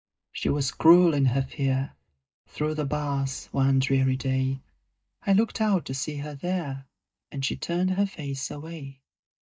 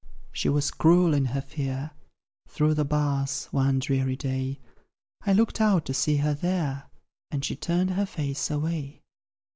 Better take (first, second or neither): second